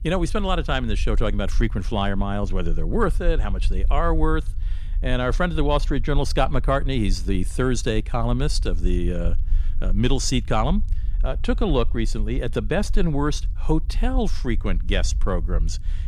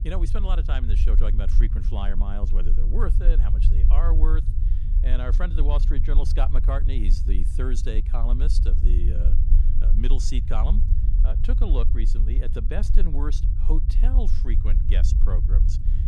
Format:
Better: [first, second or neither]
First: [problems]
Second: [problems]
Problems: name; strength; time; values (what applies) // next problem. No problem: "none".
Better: first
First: low rumble; faint; throughout; 25 dB below the speech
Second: low rumble; loud; throughout; 7 dB below the speech